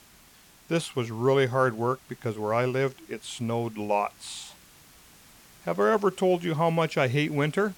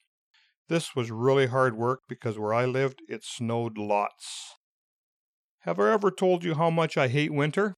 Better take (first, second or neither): second